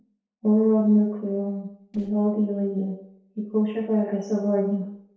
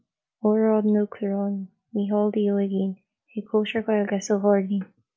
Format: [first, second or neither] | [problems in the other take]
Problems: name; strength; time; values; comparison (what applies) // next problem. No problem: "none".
second | noise reduction (neural separator model SepFormer DNS4)